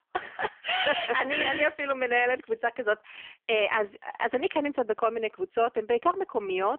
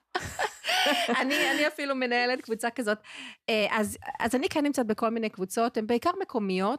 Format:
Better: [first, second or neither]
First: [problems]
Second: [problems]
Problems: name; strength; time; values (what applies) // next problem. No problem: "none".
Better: second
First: phone-call audio; poor line; nothing above 3 kHz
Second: none